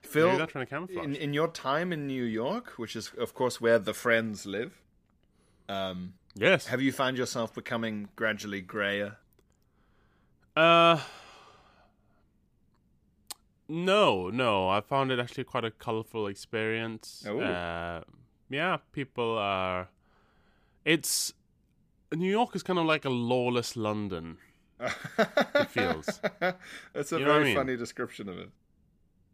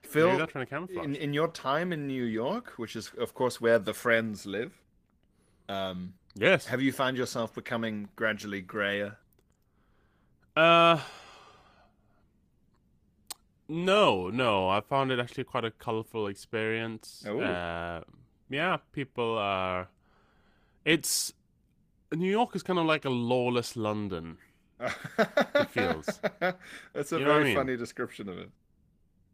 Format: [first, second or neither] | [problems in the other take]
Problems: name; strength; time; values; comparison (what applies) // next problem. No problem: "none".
first | garbled, watery; slightly; nothing above 15 kHz